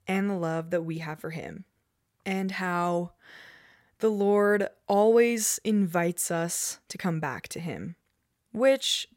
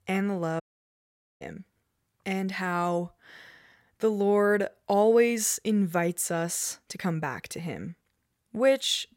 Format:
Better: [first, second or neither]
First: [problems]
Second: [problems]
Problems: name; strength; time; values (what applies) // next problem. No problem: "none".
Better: first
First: none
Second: audio cutting out; at 0.5 s for 1 s